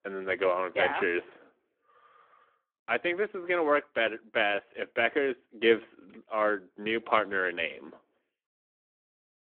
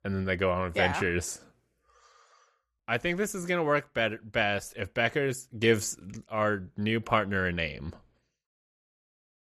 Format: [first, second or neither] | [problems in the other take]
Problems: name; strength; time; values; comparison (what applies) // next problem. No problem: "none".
second | phone-call audio